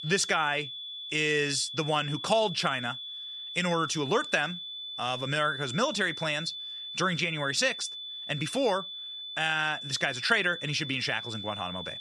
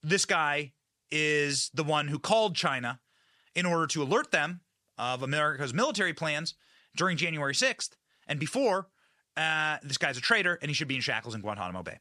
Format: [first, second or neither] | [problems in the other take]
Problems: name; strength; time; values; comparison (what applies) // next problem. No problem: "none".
second | high-pitched whine; loud; throughout; 3.5 kHz, 8 dB below the speech